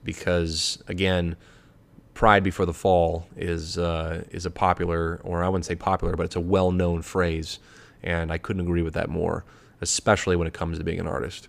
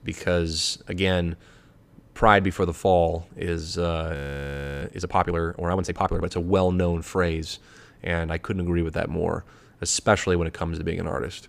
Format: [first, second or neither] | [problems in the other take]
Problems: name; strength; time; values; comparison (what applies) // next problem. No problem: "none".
first | audio freezing; at 4 s for 0.5 s